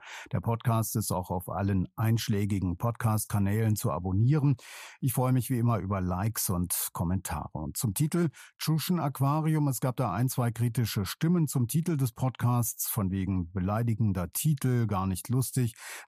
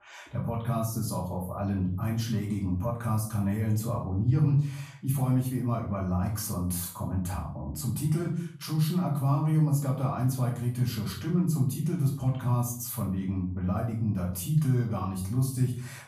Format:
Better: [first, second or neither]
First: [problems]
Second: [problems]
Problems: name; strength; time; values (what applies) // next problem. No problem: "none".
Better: first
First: none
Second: off-mic speech; far // room echo; slight; dies away in 0.5 s